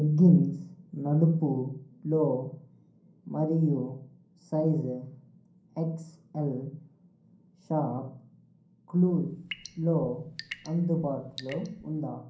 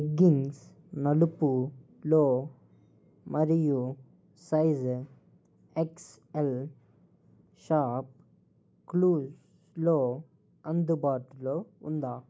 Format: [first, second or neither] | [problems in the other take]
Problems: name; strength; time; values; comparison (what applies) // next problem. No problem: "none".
second | background sound (Drip / Sink (filling or washing) / Water tap, faucet / Water); 17 dB below the speech // room echo; dies away in 0.6 s